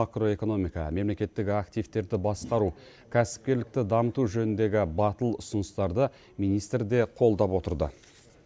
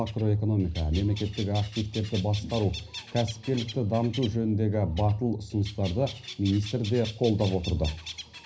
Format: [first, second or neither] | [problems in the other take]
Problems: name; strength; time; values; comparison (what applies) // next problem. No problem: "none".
first | background sound (Bird); 16 dB below the speech // room echo; dies away in 0.5 s